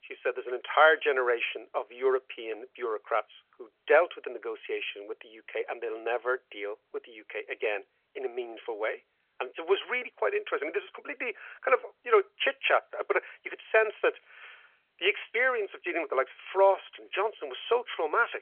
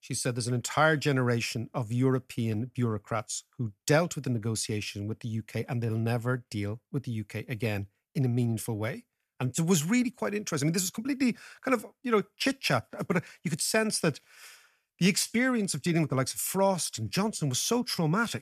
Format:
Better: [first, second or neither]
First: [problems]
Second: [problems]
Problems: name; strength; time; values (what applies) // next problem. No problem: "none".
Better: second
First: phone-call audio; nothing above 3.5 kHz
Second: none